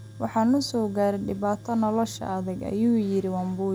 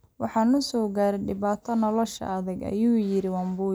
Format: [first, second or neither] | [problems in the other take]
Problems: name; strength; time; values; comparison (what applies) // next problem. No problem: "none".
second | background sound (Tools); 17 dB below the speech